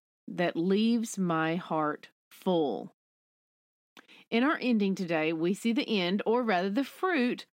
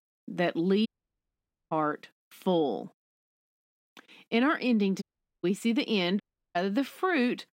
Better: first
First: none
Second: audio cutting out; at 1 s for 1 s, at 5 s and at 6 s

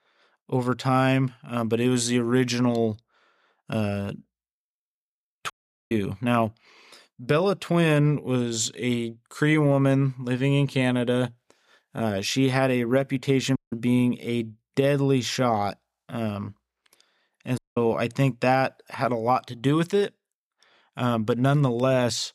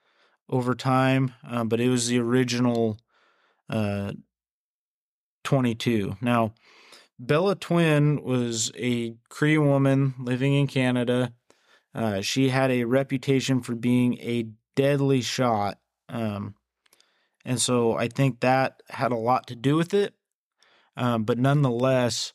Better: second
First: audio cutting out; at 5.5 s, at 14 s and at 18 s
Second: none

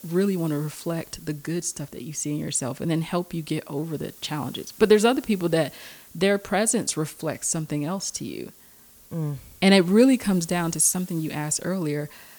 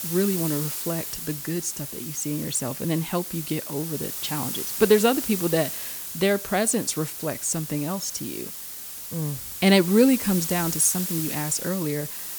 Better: first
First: hiss; faint; throughout; 20 dB below the speech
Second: hiss; loud; throughout; 6 dB below the speech

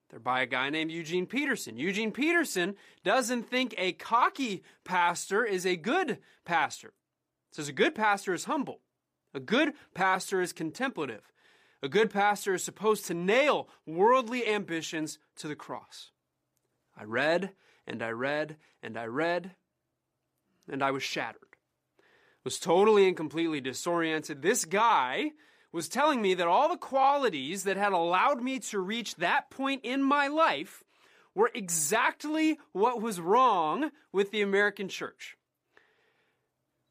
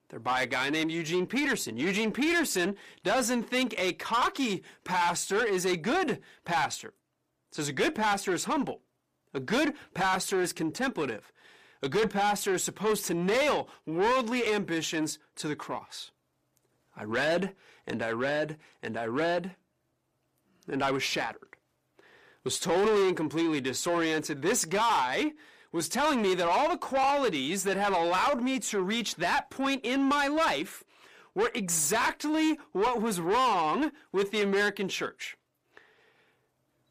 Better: first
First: none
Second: distortion; heavy; 8 dB below the speech

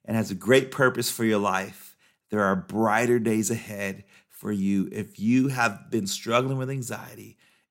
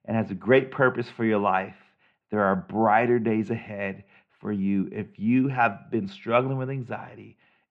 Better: first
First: none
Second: muffled; very; fading above 2.5 kHz

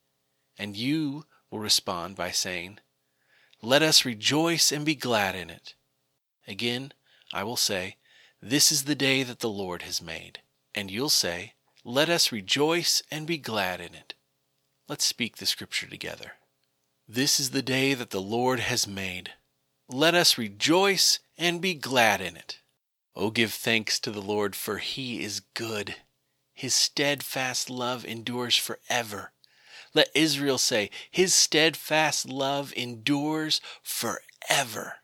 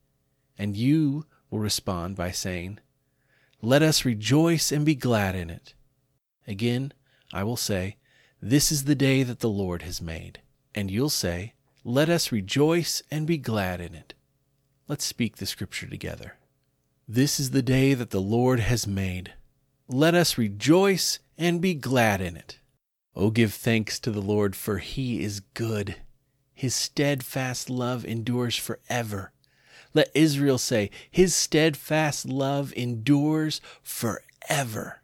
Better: second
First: thin; somewhat; fading below 950 Hz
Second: none

